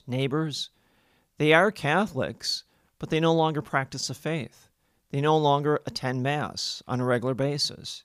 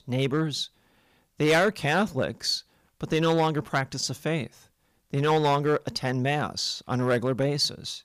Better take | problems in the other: first | distortion; slight; 4% of the sound clipped

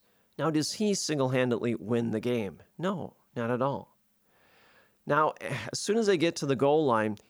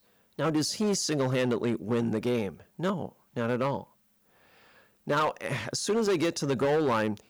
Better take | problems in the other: first | distortion; slight; 8% of the sound clipped

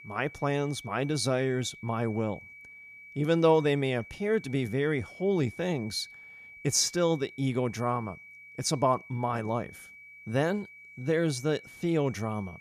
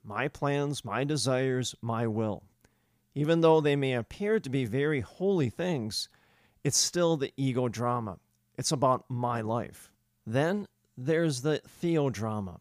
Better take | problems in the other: second | high-pitched whine; noticeable; throughout; 2.5 kHz, 20 dB below the speech

